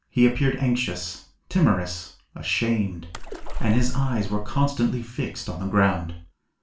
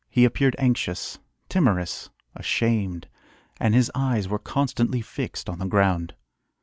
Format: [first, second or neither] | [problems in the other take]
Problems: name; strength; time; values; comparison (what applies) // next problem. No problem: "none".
second | background sound (Splash, splatter); 1 dB above the speech // room echo; dies away in 0.3 s